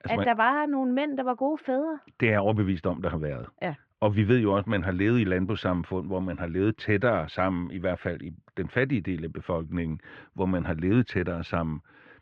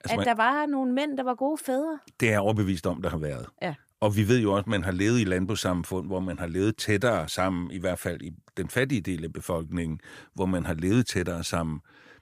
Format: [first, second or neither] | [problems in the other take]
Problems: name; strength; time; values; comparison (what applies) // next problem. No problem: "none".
second | muffled; very; fading above 3 kHz